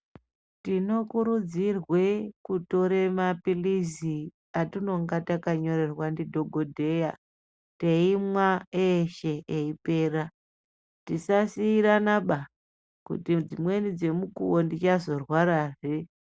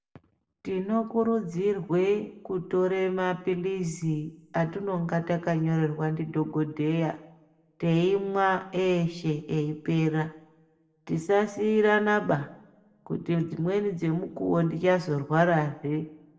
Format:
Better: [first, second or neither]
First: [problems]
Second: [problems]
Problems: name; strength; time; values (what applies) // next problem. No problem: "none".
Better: first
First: none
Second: room echo; dies away in 0.6 s